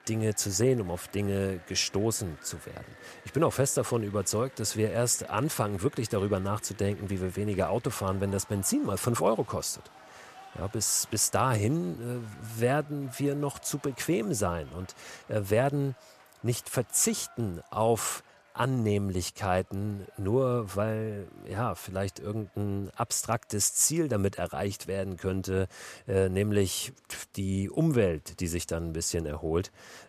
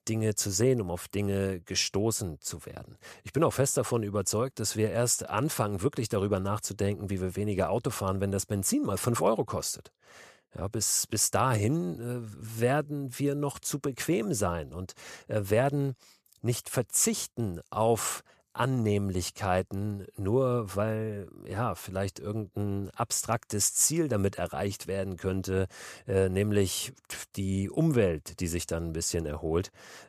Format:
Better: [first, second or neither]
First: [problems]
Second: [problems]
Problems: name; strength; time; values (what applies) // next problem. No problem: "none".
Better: second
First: crowd noise; faint; throughout; 25 dB below the speech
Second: none